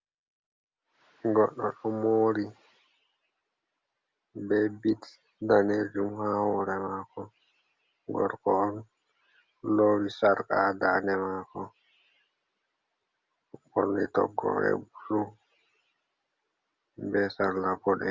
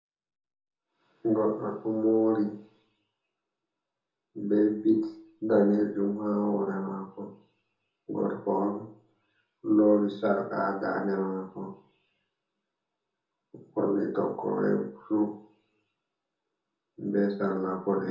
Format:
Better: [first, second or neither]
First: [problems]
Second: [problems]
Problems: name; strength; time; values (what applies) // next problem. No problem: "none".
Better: first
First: none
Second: room echo; dies away in 0.5 s